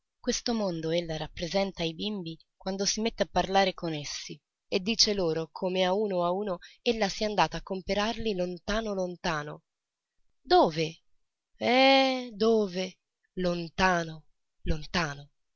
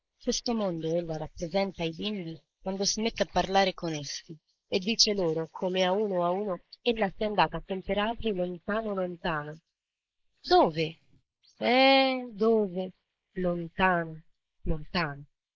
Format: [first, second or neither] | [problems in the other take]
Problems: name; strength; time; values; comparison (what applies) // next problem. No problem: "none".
first | noise reduction (neural mask model Resemble Enhance denoiser)